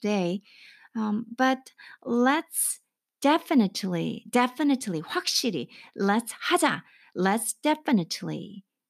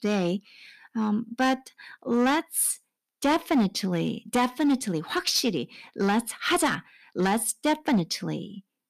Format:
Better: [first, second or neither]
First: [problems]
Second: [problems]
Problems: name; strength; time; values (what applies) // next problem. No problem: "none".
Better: first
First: none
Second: distortion; slight; 6% of the sound clipped